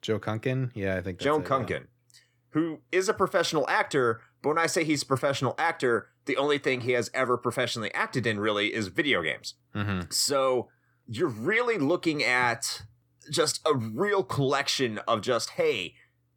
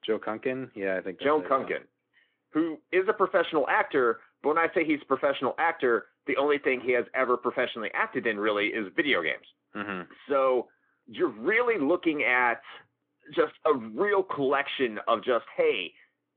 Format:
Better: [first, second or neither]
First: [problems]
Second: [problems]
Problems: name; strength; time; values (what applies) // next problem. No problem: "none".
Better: first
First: none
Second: phone-call audio; nothing above 3.5 kHz